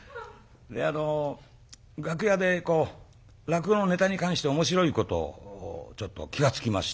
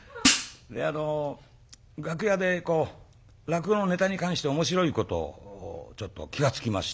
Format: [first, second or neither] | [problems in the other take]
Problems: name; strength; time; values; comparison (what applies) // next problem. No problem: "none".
first | background sound (Hi-hat); 2 dB above the speech